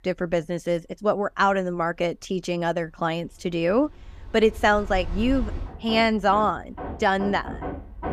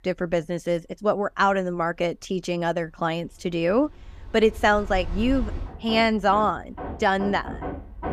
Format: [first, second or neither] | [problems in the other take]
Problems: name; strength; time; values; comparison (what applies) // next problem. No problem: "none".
neither | machinery noise; noticeable; throughout; 10 dB below the speech; the same in both